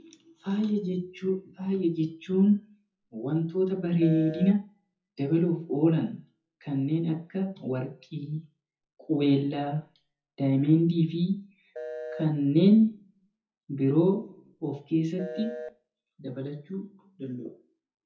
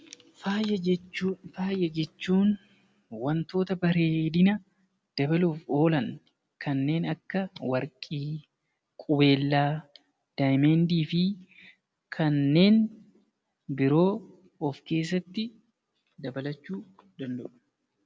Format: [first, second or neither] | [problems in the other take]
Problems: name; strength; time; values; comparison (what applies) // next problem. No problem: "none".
second | noise reduction (classical method WPE with log-MMSE)